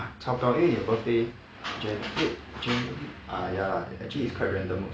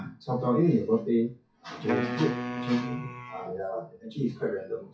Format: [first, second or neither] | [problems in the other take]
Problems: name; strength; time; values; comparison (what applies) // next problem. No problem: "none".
first | noise reduction (classical method WPE with log-MMSE)